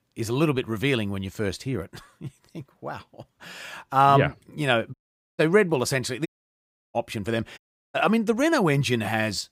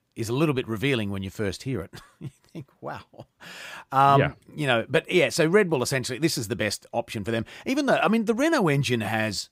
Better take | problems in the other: second | audio cutting out; at 5 s, at 6.5 s for 0.5 s and at 7.5 s

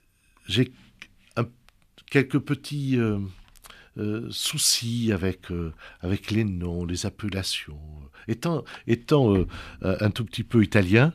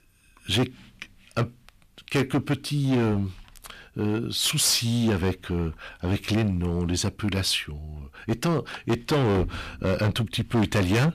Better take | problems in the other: first | distortion; heavy; 11% of the sound clipped

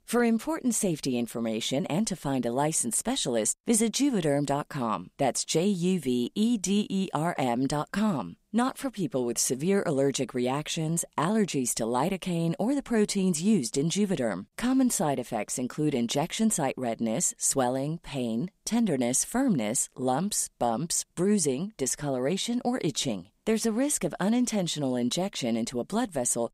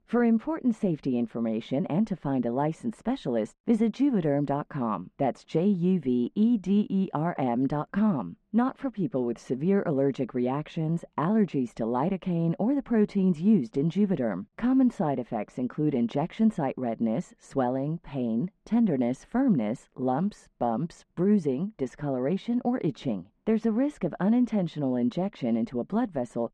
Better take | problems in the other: first | muffled; very; fading above 1.5 kHz

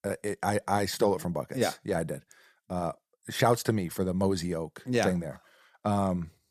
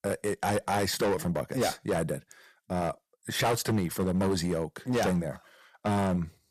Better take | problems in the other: first | distortion; heavy; 10% of the sound clipped

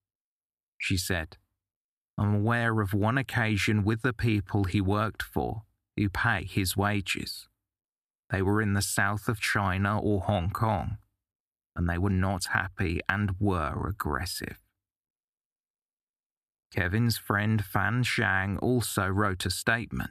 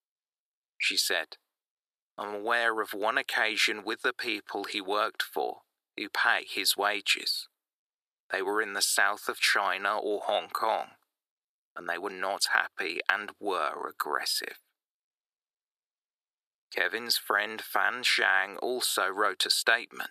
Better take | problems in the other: first | thin; very; fading below 450 Hz

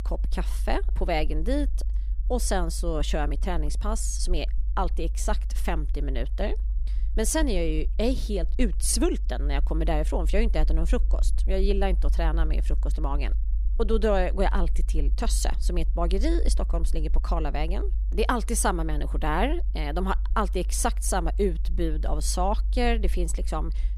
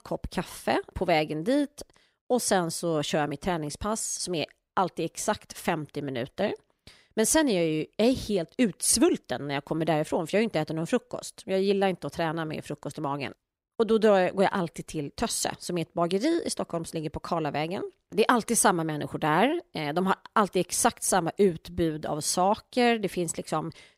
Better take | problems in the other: second | low rumble; faint; throughout; 20 dB below the speech

